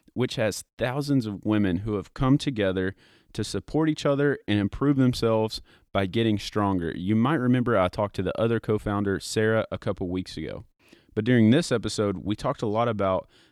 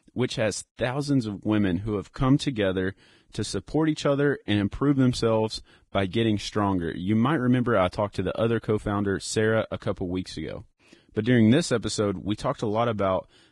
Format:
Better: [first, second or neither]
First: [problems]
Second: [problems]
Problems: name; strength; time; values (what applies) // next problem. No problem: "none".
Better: first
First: none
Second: garbled, watery; badly; nothing above 10 kHz